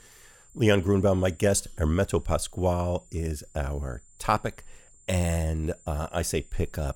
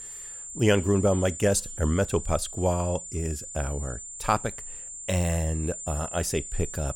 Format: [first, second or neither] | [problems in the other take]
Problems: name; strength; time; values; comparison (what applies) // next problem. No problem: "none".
first | high-pitched whine; loud; throughout; 7 kHz, 9 dB below the speech; faint in the first